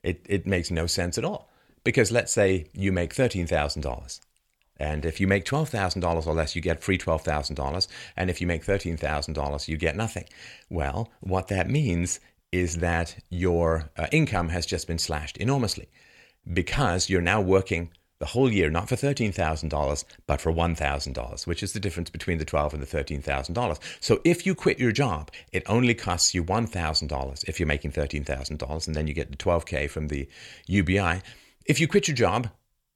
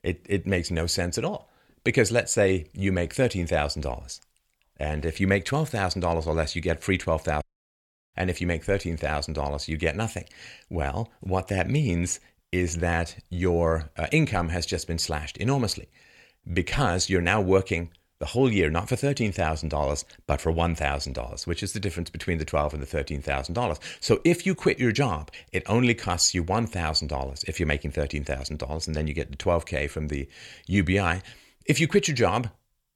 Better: first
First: none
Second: audio cutting out; at 7.5 s for 0.5 s

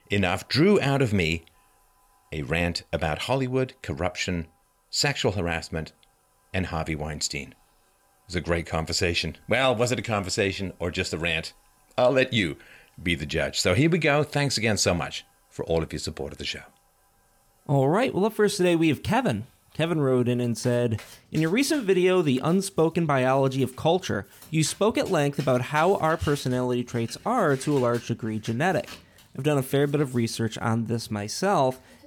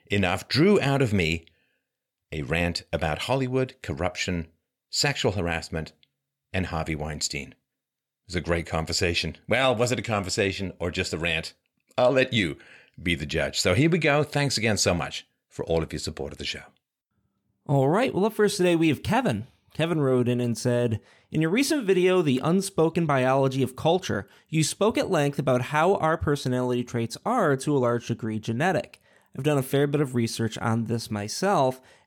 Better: second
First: household noises; faint; throughout; 25 dB below the speech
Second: none

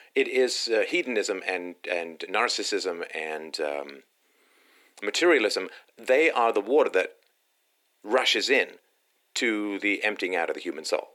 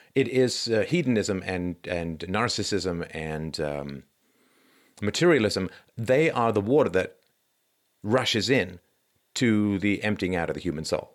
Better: second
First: thin; somewhat; fading below 300 Hz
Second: none

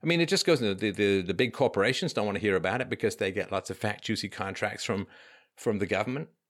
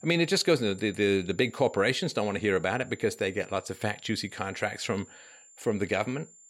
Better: first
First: none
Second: high-pitched whine; faint; throughout; 7 kHz, 25 dB below the speech

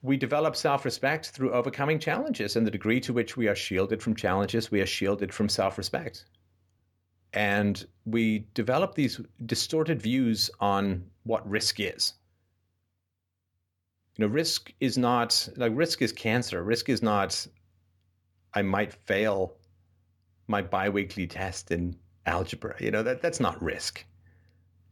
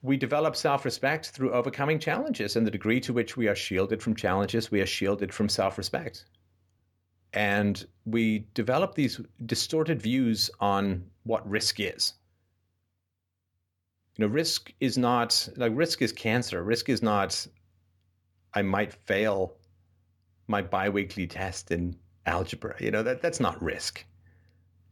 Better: neither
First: none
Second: none

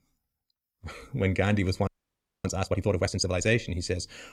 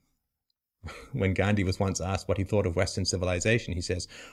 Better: second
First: audio freezing; at 2 s for 0.5 s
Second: none

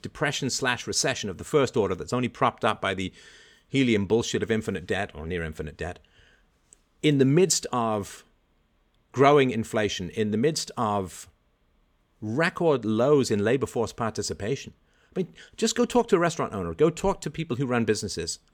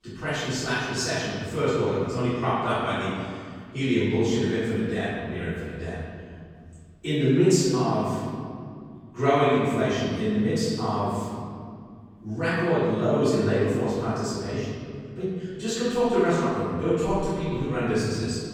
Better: first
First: none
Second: off-mic speech; far // room echo; strong; dies away in 2.3 s

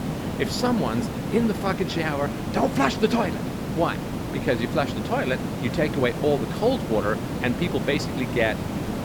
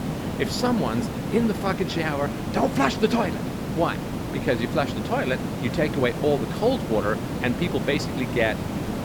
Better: neither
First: hiss; loud; throughout; 4 dB below the speech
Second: hiss; loud; throughout; 4 dB below the speech

